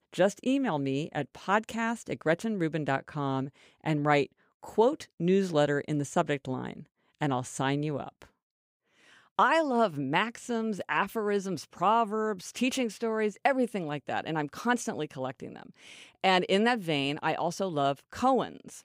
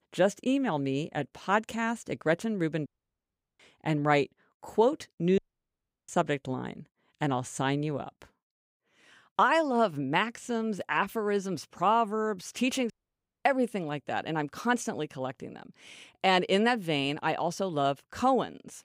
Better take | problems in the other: first | audio cutting out; at 3 s for 0.5 s, at 5.5 s for 0.5 s and at 13 s for 0.5 s

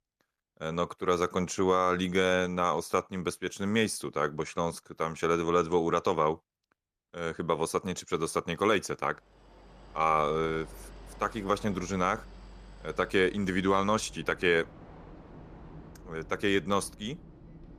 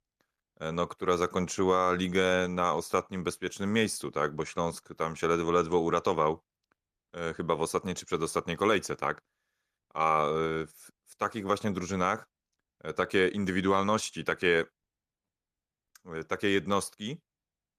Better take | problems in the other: second | train or aircraft noise; faint; from 9.5 s on; 20 dB below the speech

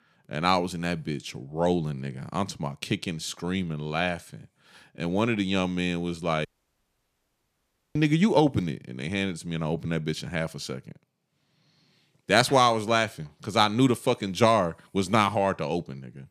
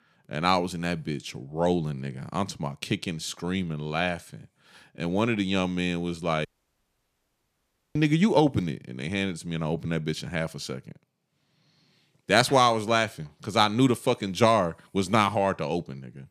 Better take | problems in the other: neither | audio cutting out; at 6.5 s for 1.5 s; the same in both

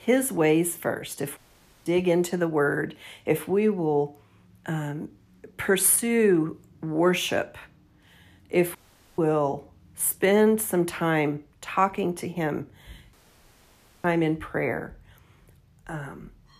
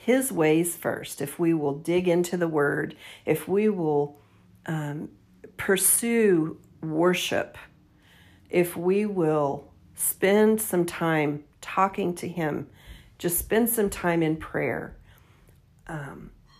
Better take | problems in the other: second | audio cutting out; at 1.5 s, at 9 s and at 13 s for 1 s

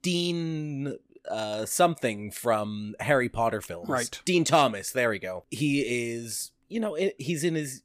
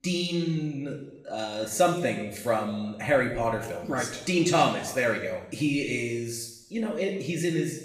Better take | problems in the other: first | room echo; noticeable; dies away in 0.8 s // off-mic speech; far

